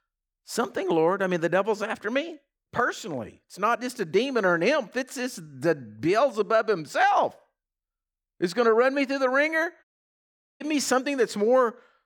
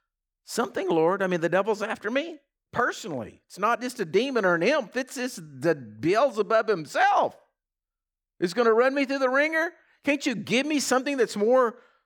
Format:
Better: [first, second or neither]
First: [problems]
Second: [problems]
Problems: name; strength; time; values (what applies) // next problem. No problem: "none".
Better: second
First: audio cutting out; at 10 s for 1 s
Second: none